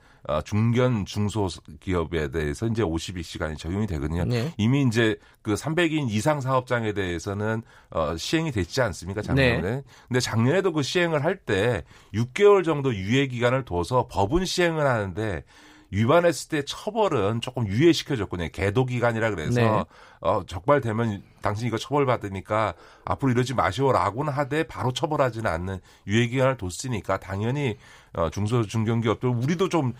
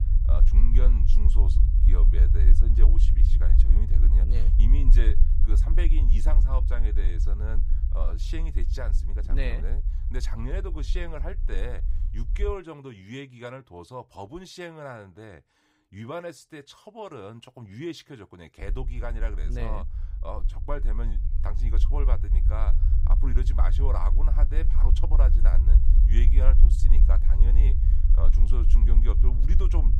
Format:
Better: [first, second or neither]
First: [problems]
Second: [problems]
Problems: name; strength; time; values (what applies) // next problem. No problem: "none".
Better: first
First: none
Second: low rumble; loud; until 13 s and from 19 s on; 6 dB below the speech